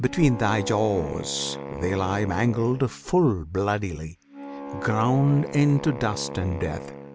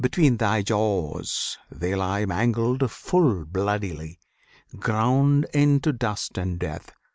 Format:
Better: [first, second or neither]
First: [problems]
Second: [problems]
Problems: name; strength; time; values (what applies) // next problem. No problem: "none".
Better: second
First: background sound (Wind instrument, woodwind instrument); 12 dB below the speech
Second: none